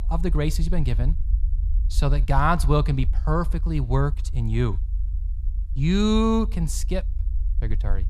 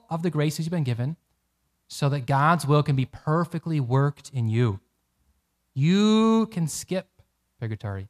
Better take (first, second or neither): second